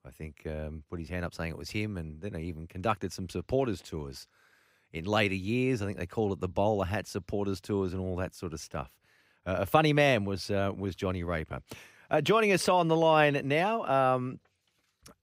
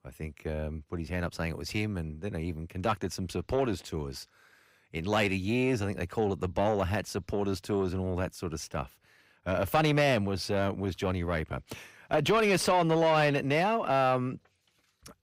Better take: first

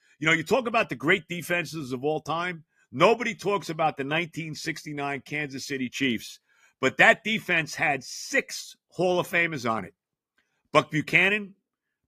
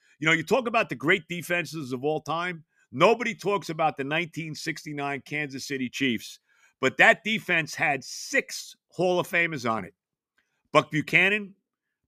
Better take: second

